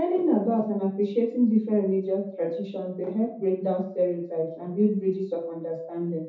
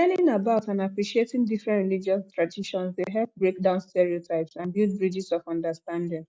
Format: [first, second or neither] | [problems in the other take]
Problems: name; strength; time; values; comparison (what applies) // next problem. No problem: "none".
second | room echo; dies away in 0.5 s